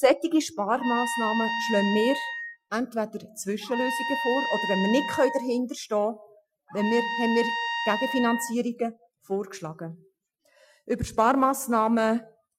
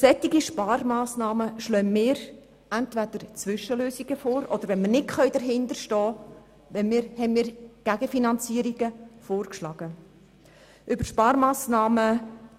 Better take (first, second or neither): second